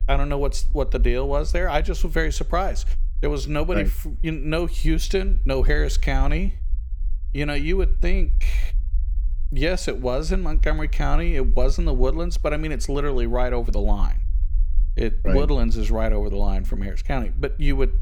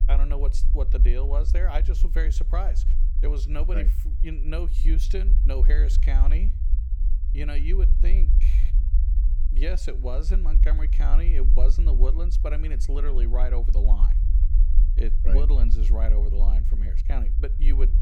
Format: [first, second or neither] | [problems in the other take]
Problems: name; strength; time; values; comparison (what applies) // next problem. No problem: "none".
first | low rumble; loud; throughout; 9 dB below the speech; faint in the first